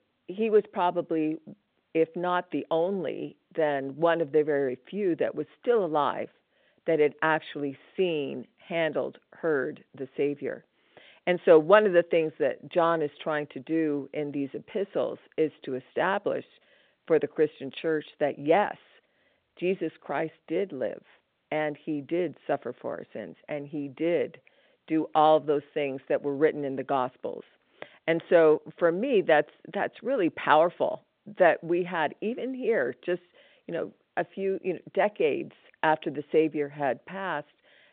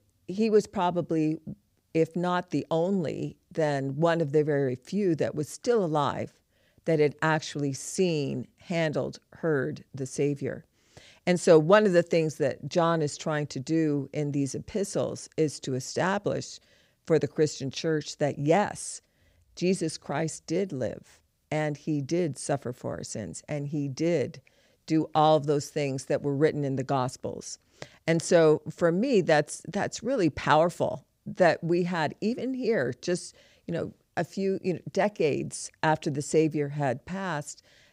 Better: second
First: phone-call audio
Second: none

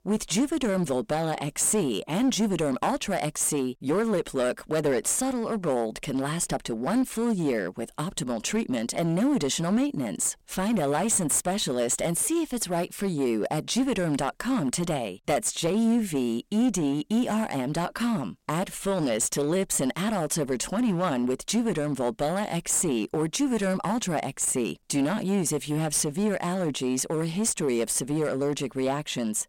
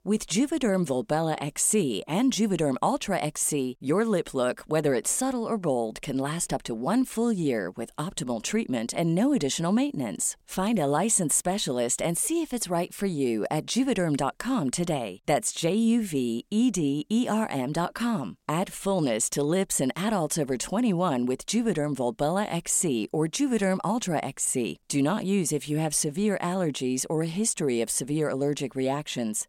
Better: second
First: distortion; slight; 9% of the sound clipped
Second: none

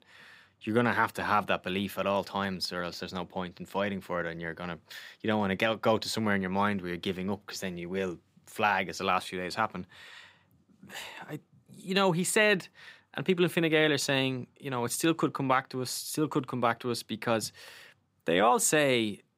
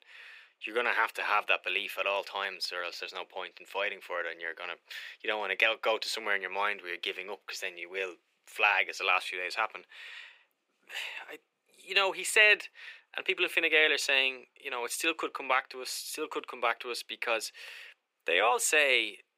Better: first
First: none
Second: thin; very; fading below 450 Hz

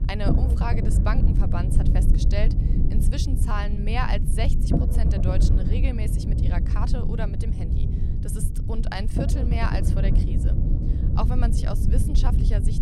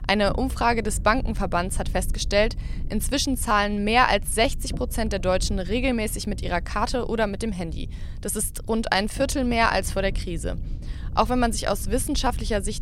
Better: second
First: low rumble; loud; throughout; 3 dB below the speech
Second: low rumble; faint; throughout; 25 dB below the speech

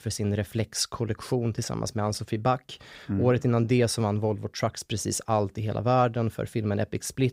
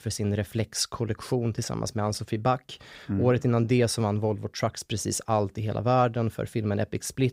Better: neither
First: none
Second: none

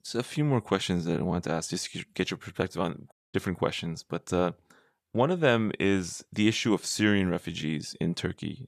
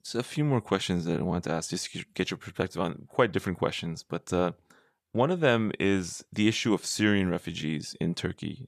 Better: second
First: audio cutting out; at 3 s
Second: none

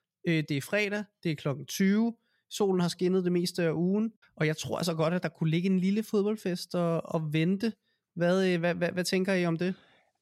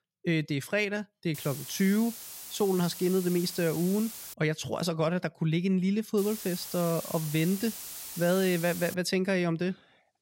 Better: first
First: none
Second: hiss; loud; from 1.5 to 4.5 s and from 6 to 9 s; 10 dB below the speech

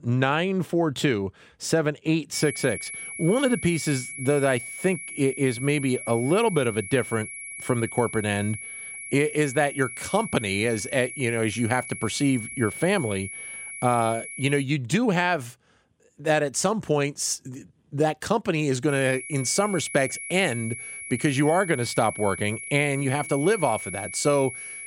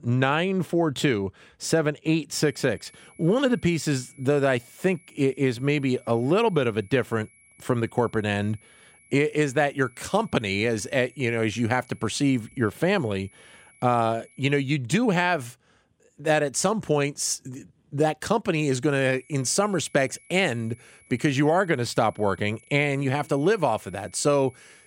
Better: second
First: high-pitched whine; loud; from 2.5 to 15 s and from 19 s on; 2.5 kHz, 10 dB below the speech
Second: high-pitched whine; faint; from 2.5 to 15 s and from 19 s on; 2.5 kHz, 30 dB below the speech

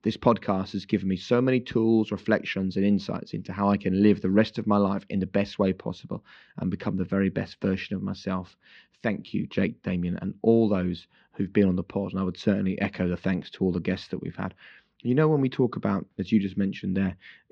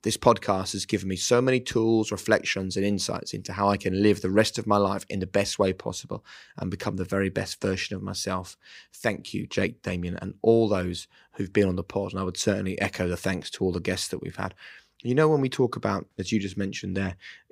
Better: second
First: muffled; slightly; fading above 4 kHz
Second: none

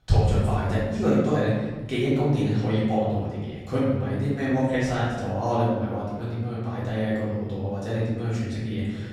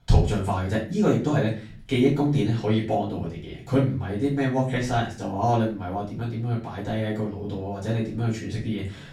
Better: second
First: room echo; strong; dies away in 1.3 s // off-mic speech; far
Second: room echo; slight; dies away in 0.4 s // off-mic speech; far

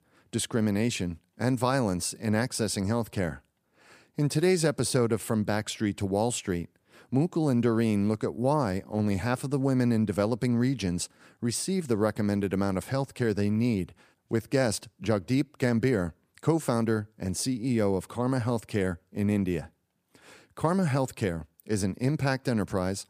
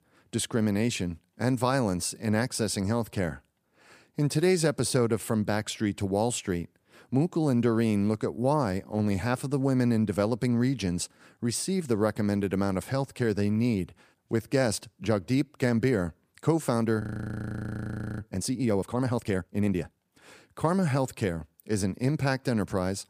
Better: first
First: none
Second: audio freezing; at 17 s for 1 s

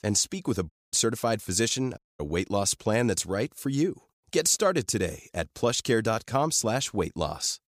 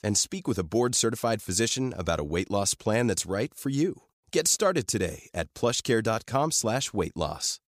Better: second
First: audio cutting out; at 0.5 s and at 2 s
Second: none

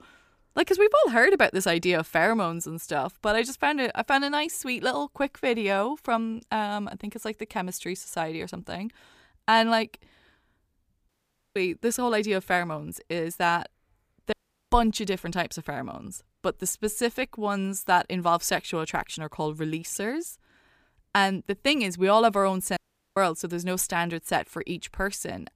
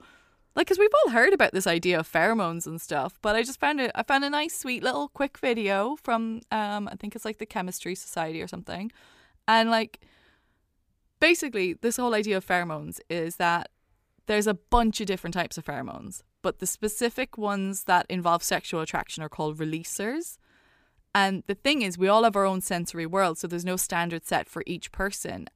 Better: second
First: audio cutting out; at 11 s, at 14 s and at 23 s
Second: none

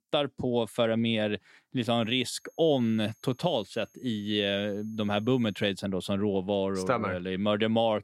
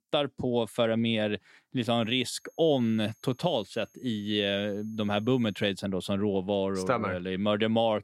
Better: neither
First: high-pitched whine; faint; from 2 to 5.5 s; 6.5 kHz, 35 dB below the speech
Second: high-pitched whine; faint; from 2 to 5.5 s; 6.5 kHz, 35 dB below the speech

